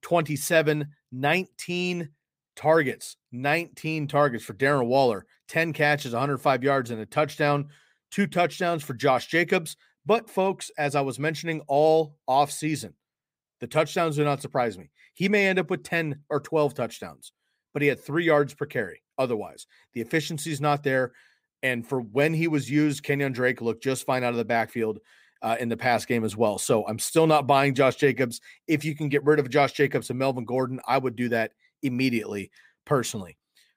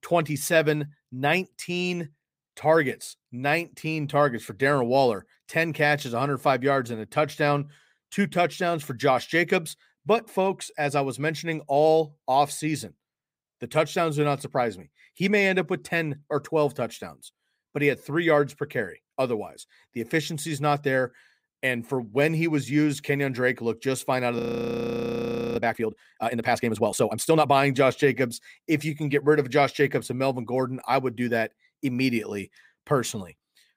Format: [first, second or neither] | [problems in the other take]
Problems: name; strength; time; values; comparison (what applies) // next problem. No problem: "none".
first | audio freezing; at 24 s for 1 s